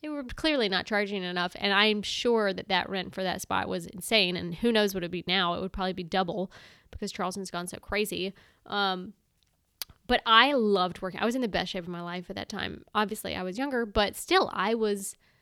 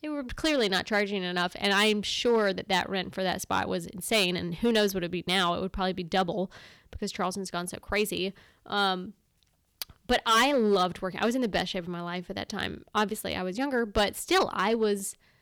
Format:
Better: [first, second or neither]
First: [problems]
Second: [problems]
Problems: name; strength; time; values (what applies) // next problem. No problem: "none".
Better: first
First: none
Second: distortion; slight; 2% of the sound clipped